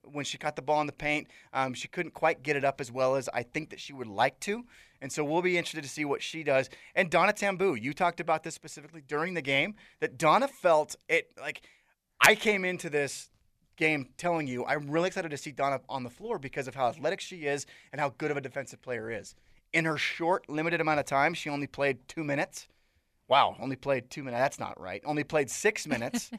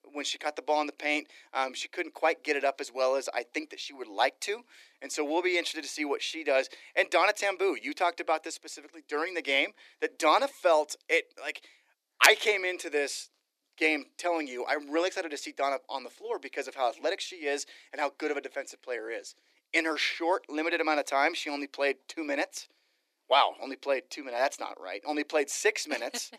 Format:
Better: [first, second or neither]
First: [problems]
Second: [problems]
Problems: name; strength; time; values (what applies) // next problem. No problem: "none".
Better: first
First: none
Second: thin; very slightly; fading below 300 Hz